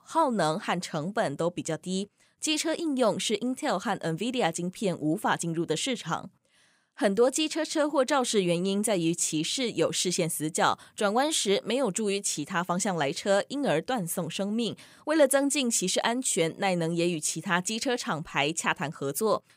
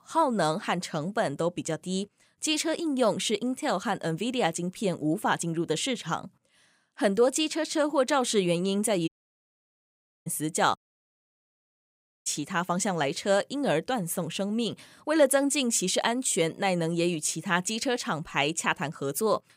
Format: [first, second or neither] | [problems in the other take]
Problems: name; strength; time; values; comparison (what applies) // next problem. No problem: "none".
first | audio cutting out; at 9 s for 1 s and at 11 s for 1.5 s